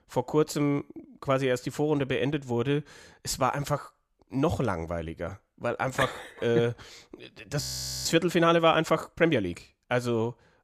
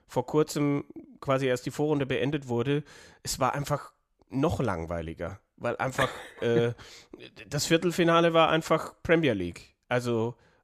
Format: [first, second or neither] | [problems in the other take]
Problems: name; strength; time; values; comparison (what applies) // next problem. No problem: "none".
second | audio freezing; at 7.5 s